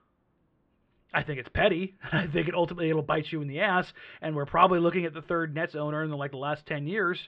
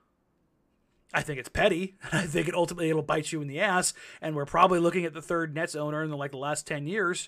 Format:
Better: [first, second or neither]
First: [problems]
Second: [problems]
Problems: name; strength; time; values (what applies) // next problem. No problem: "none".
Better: second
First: muffled; very; fading above 3.5 kHz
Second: none